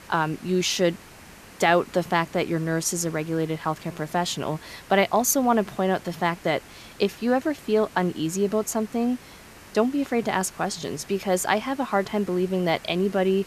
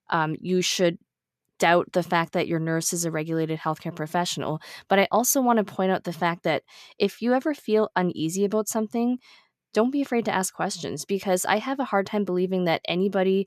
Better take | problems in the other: second | hiss; faint; throughout; 20 dB below the speech

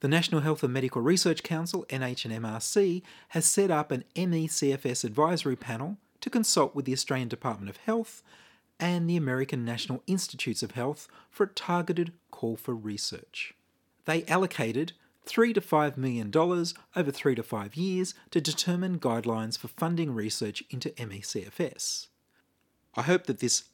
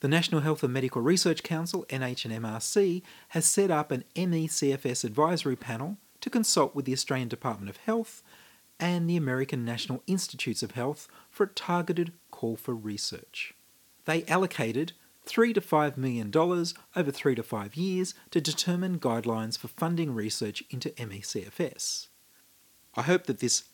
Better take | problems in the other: first | hiss; faint; throughout; 30 dB below the speech

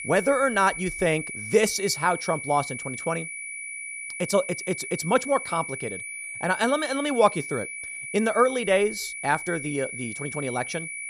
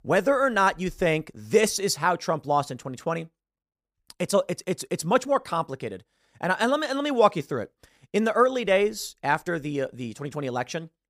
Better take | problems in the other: second | high-pitched whine; loud; throughout; 2.5 kHz, 7 dB below the speech

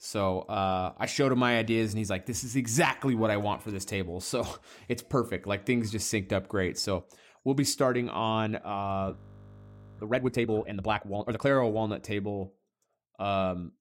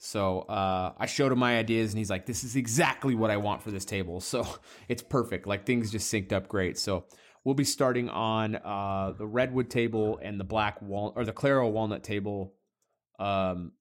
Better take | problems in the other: second | audio freezing; at 9 s for 1 s

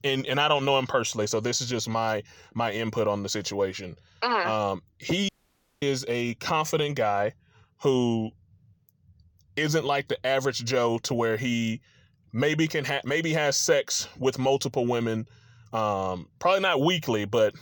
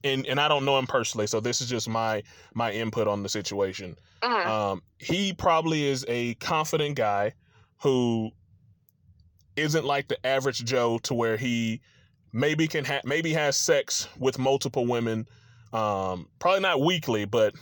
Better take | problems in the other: second | audio cutting out; at 5.5 s for 0.5 s

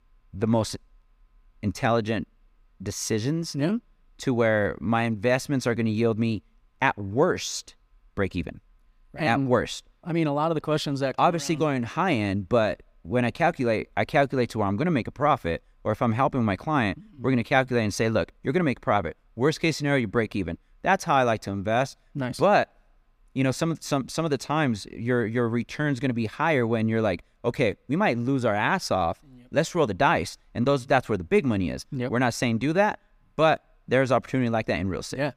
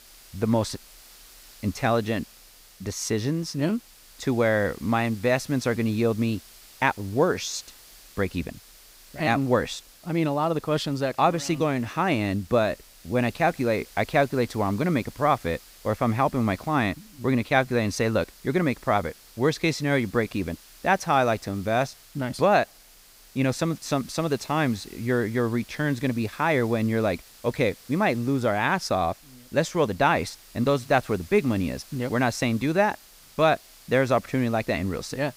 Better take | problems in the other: first | hiss; faint; throughout; 25 dB below the speech

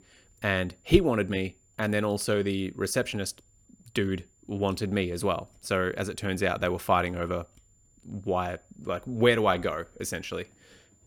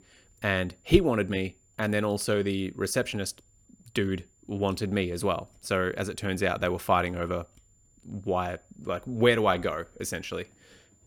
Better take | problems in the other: neither | high-pitched whine; faint; throughout; 7 kHz, 35 dB below the speech; the same in both

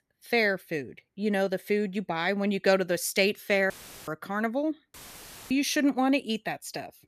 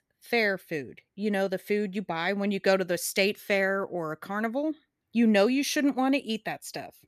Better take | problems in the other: second | audio cutting out; filled with static; at 3.5 s and at 5 s for 0.5 s

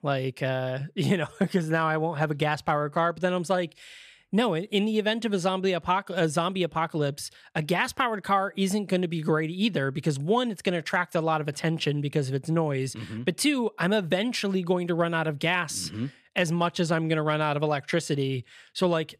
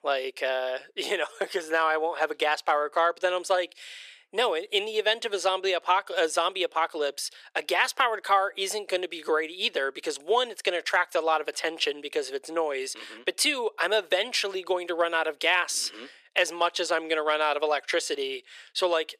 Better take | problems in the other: first | thin; very; fading below 400 Hz

